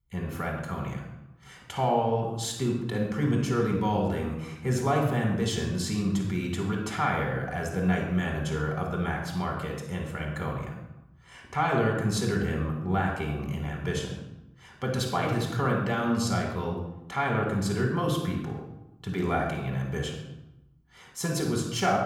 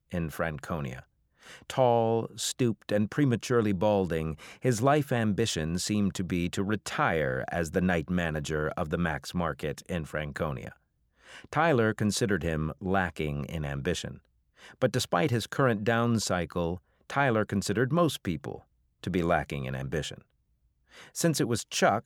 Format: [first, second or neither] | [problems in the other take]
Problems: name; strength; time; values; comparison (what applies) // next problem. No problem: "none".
second | off-mic speech; somewhat distant // room echo; noticeable; dies away in 0.8 s